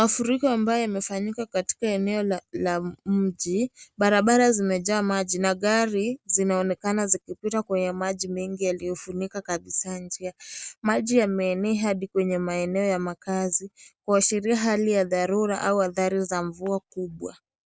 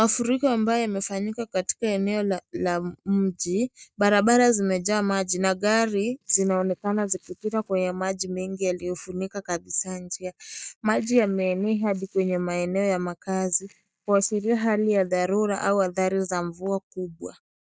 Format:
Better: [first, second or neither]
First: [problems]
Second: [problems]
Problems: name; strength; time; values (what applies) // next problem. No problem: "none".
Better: first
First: none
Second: noise reduction (neural mask model DeepFilterNet 3)